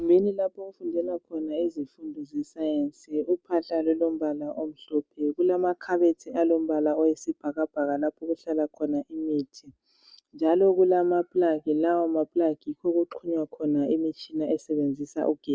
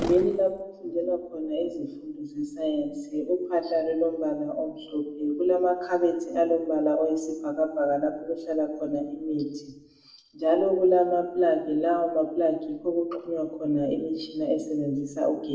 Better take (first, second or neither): first